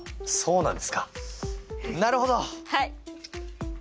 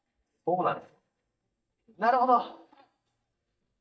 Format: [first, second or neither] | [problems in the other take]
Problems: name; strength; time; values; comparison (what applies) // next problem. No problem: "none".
first | noise reduction (neural mask model DeepFilterNet 3)